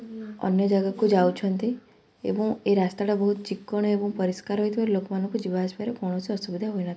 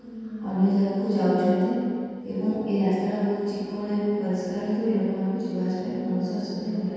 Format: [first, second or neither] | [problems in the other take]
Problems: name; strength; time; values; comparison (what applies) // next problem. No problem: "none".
first | room echo; dies away in 2.1 s